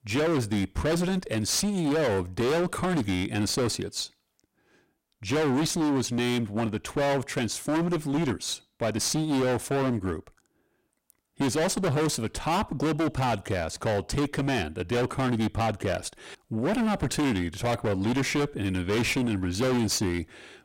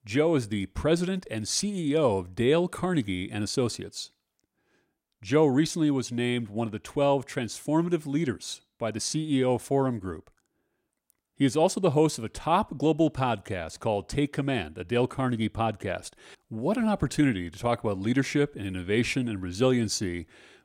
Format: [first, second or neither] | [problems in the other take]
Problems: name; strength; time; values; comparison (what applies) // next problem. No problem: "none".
second | distortion; heavy; 26% of the sound clipped